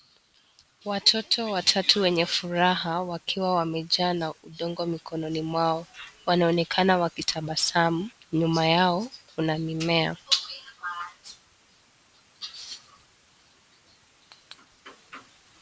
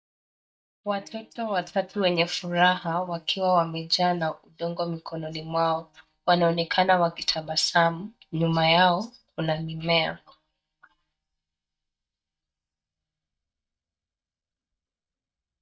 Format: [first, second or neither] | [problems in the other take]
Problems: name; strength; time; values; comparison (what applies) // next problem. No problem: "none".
first | noise reduction (neural mask model DeepFilterNet 3)